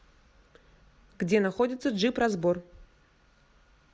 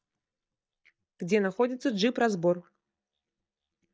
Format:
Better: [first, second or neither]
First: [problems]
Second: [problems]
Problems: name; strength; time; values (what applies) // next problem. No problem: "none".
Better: first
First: none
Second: noise reduction (neural mask model DeepFilterNet 3)